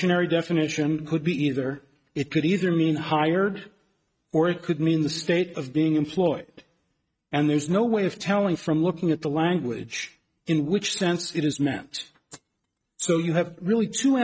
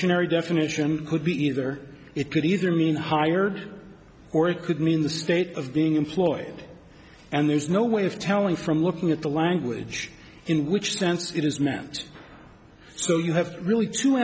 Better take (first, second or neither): second